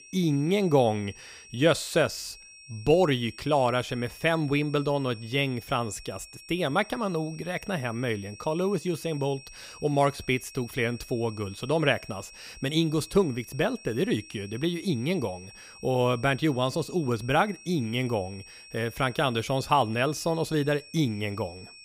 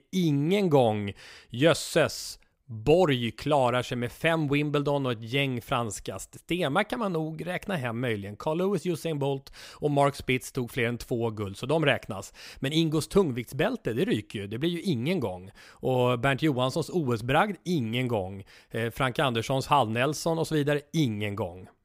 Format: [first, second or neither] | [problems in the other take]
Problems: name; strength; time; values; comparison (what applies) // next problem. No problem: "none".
second | high-pitched whine; noticeable; throughout; 2.5 kHz, 20 dB below the speech